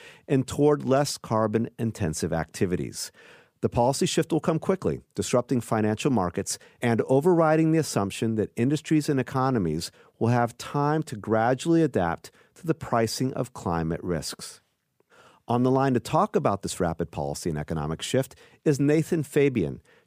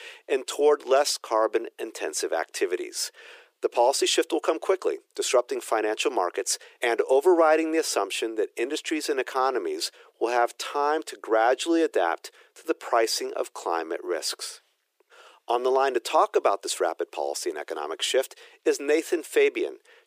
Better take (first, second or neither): first